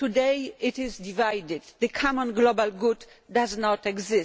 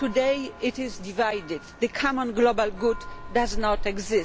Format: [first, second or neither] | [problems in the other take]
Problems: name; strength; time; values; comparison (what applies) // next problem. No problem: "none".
first | background sound (Church bell); 9 dB below the speech